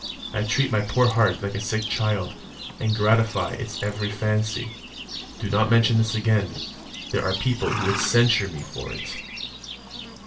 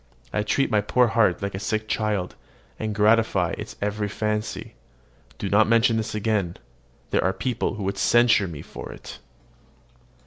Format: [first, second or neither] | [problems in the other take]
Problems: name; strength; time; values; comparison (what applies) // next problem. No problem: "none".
second | background sound (Livestock, farm animals, working animals); 10 dB below the speech // room echo; dies away in 0.2 s